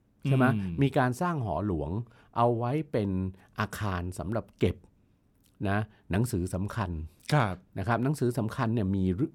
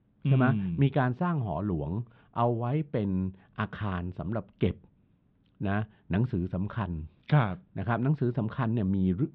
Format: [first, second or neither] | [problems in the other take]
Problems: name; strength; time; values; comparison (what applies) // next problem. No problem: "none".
first | muffled; very; fading above 3.5 kHz